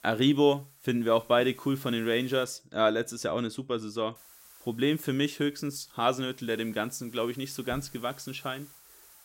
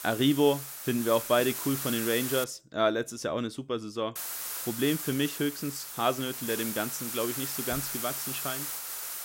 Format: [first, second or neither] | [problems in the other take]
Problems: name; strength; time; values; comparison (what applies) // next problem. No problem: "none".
first | hiss; loud; until 2.5 s and from 4 s on; 4 dB below the speech; faint in the first